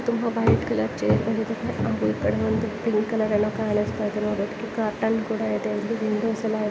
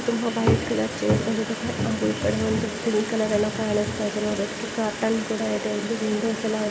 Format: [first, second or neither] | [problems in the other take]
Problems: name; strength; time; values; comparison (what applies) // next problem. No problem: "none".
first | background sound (Sink (filling or washing) / Water tap, faucet); 12 dB below the speech